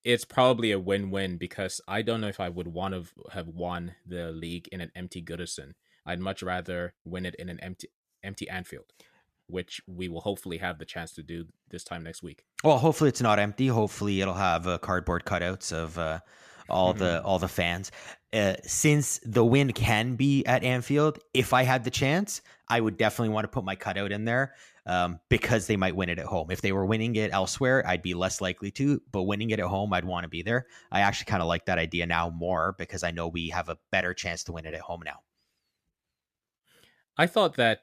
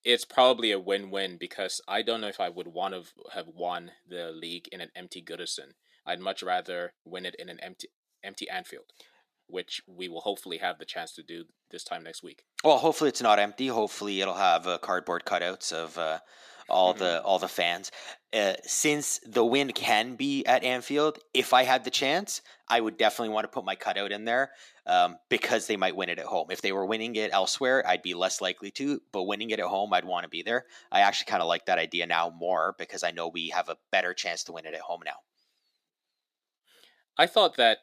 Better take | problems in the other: first | thin; somewhat; fading below 300 Hz

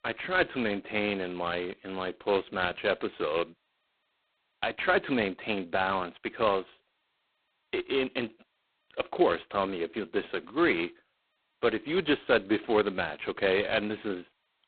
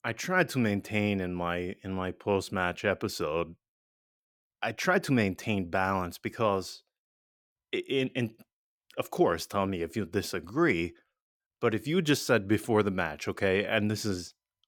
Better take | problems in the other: second | phone-call audio; poor line; nothing above 4 kHz

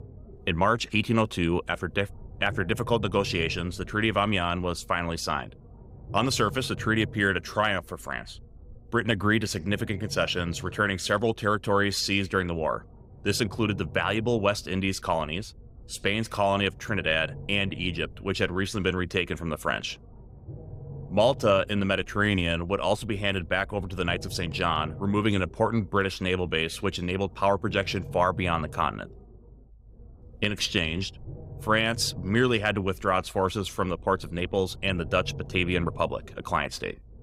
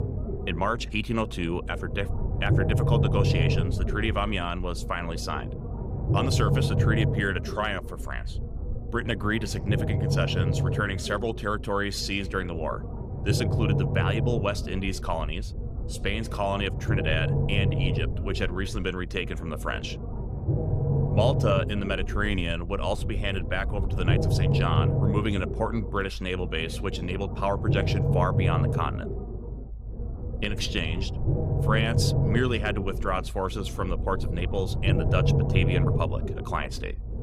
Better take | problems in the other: first | low rumble; loud; throughout; 6 dB below the speech; faint in the first

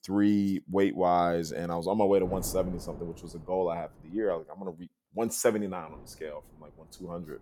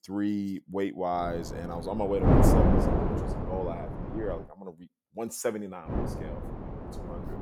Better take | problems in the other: first | wind noise on the microphone; heavy; from 1 to 4.5 s and from 6 s on; 1 dB above the speech; occasional gusts in the first

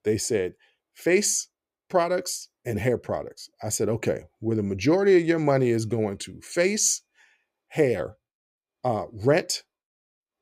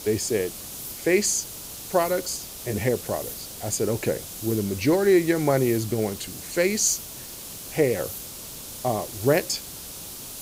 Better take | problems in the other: first | hiss; noticeable; throughout; 10 dB below the speech

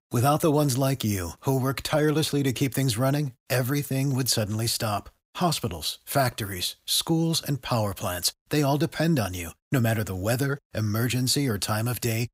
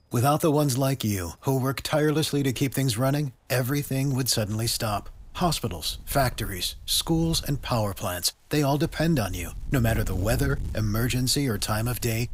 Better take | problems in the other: first | wind noise on the microphone; occasional gusts; 25 dB below the speech

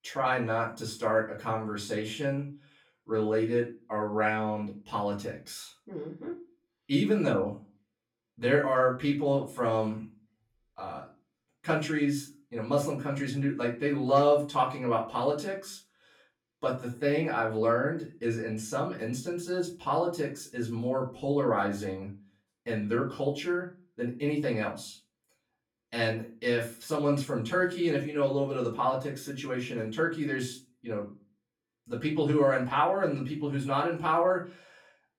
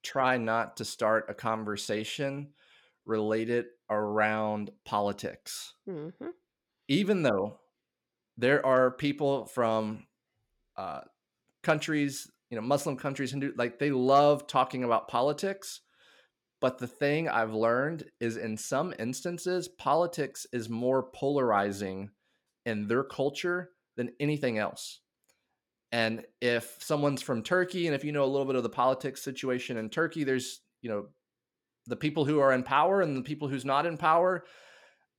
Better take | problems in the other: second | room echo; slight; dies away in 0.3 s // off-mic speech; far

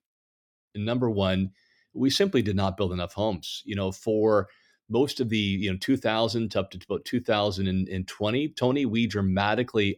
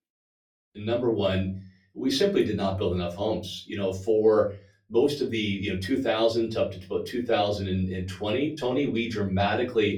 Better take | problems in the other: first | off-mic speech; far // room echo; very slight; dies away in 0.3 s

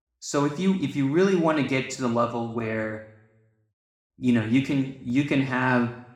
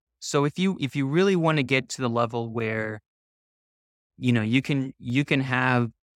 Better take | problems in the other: second | room echo; slight; dies away in 0.6 s // off-mic speech; somewhat distant

